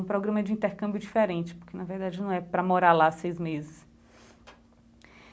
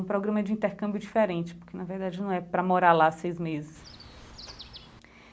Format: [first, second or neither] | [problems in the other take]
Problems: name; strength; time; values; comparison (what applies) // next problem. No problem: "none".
first | background sound (Chirp, tweet); 19 dB below the speech